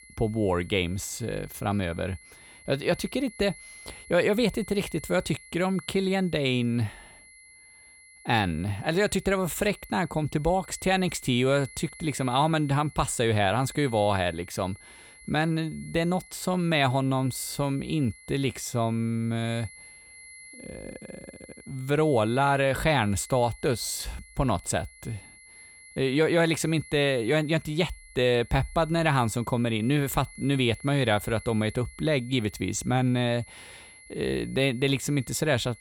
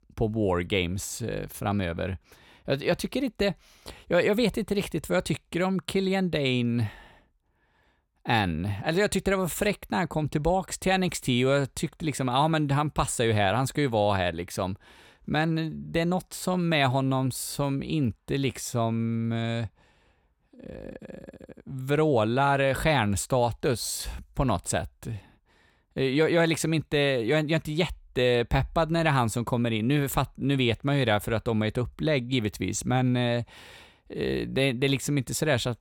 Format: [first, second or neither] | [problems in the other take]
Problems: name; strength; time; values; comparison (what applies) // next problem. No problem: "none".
second | high-pitched whine; faint; throughout; 2 kHz, 20 dB below the speech